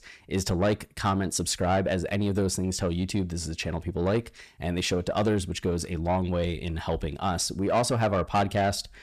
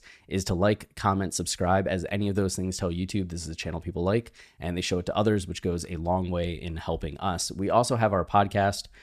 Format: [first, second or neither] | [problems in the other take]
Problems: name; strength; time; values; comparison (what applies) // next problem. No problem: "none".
second | distortion; slight; 10 dB below the speech